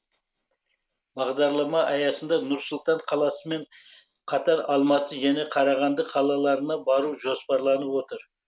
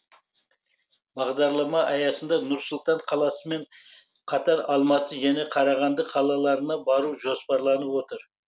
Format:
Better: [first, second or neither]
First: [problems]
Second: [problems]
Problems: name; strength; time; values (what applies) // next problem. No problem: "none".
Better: second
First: noise reduction (neural mask model Resemble Enhance denoiser)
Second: none